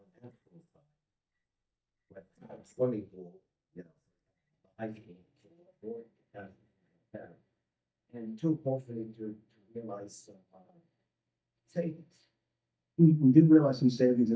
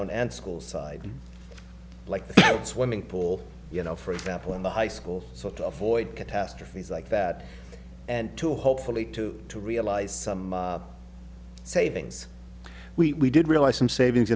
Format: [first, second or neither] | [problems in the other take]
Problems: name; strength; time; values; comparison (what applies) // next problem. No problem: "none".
second | noise reduction (neural mask model DeepFilterNet 3)